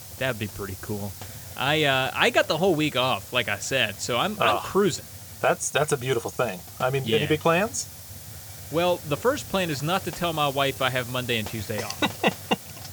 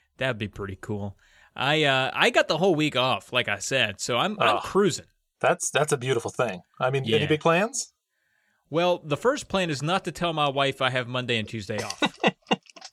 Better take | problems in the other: second | hiss; noticeable; throughout; 15 dB below the speech

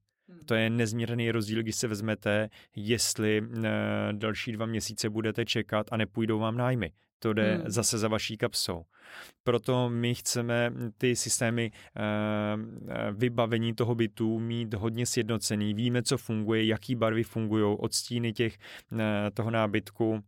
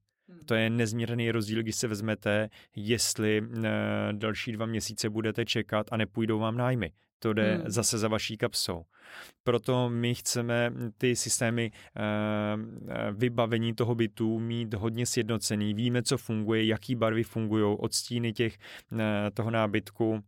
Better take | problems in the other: neither | none

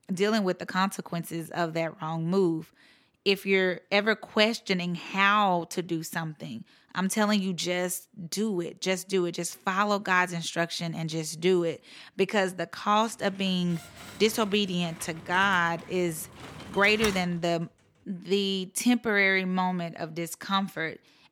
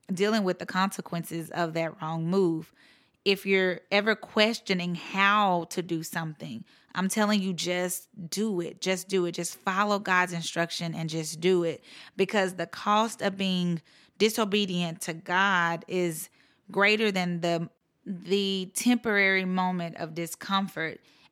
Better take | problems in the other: second | door banging; noticeable; from 14 to 17 s; peak 7 dB below the speech

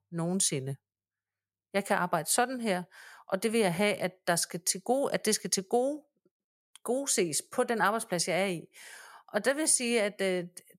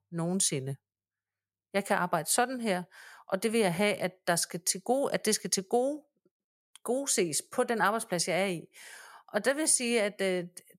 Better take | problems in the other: neither | none

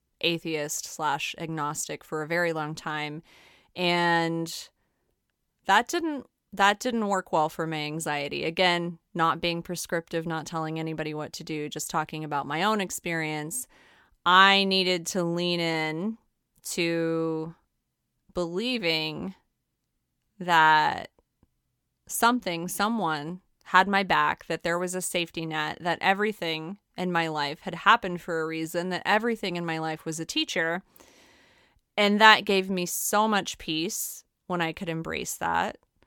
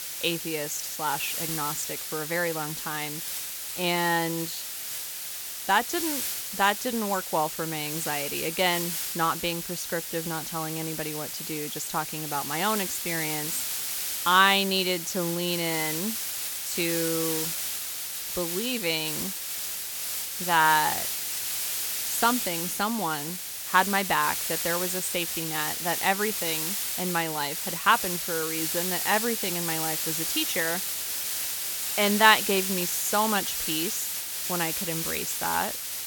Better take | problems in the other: first | hiss; loud; throughout; 1 dB below the speech

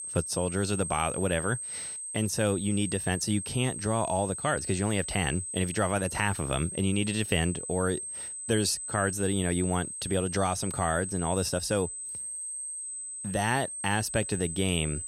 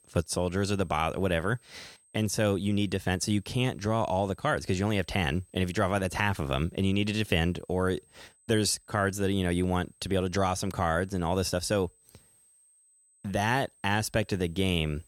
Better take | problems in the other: second | high-pitched whine; loud; throughout; 8 kHz, 5 dB below the speech; faint in the second

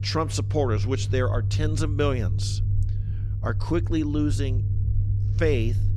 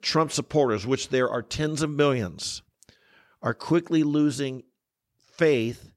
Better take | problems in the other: second | low rumble; noticeable; throughout; 10 dB below the speech

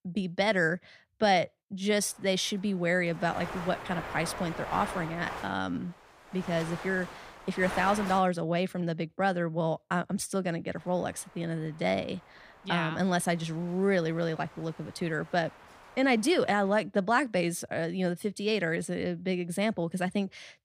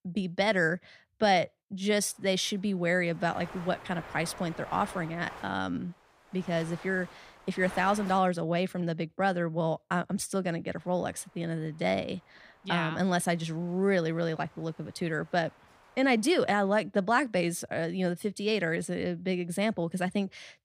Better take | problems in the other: second | wind noise on the microphone; heavy; from 2 to 8 s and from 11 to 17 s; 10 dB below the speech; occasional gusts in the second

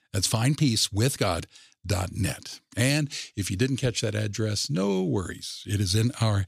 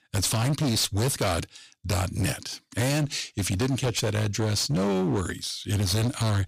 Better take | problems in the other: first | distortion; heavy; 24% of the sound clipped

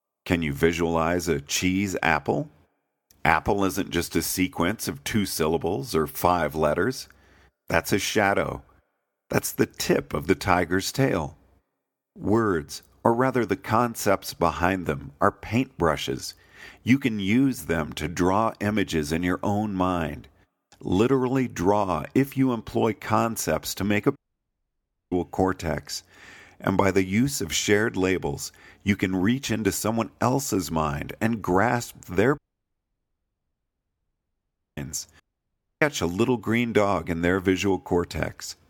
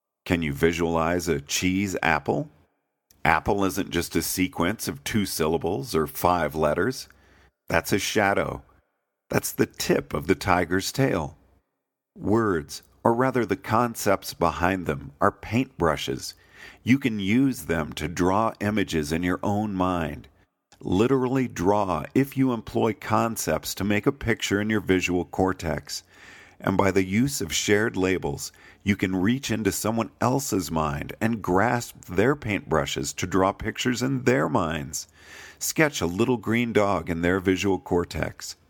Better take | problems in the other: second | audio cutting out; at 24 s for 1 s, at 32 s for 2.5 s and at 35 s for 0.5 s

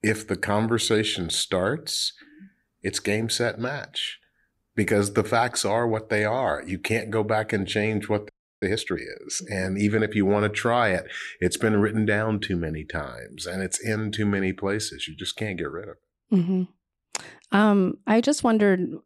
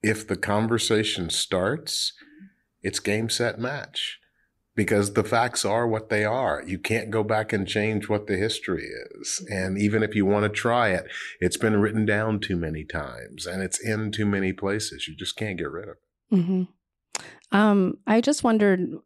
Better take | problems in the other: second | audio freezing; at 8.5 s

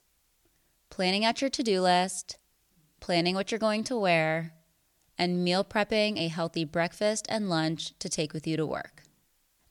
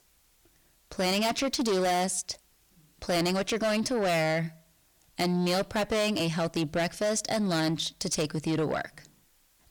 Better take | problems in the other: first | distortion; heavy; 7 dB below the speech

